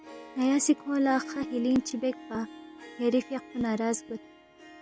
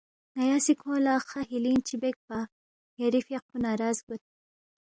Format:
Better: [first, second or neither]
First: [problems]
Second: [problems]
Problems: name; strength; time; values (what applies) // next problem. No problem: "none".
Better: second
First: background sound (Harp); 16 dB below the speech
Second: none